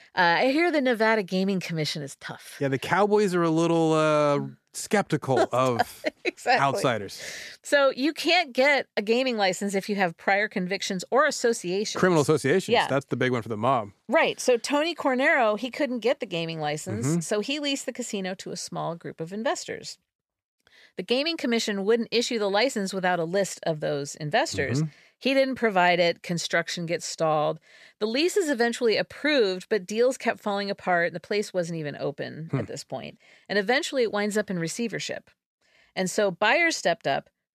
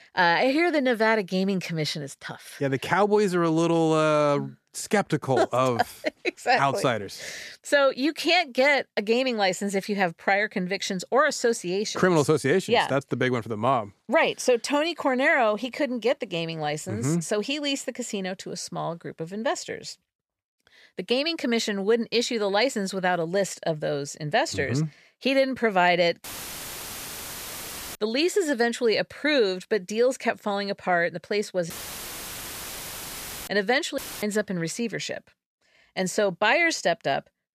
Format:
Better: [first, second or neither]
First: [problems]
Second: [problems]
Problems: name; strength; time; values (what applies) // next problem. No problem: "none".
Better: first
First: none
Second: audio cutting out; filled with static; at 26 s for 1.5 s, at 32 s for 2 s and at 34 s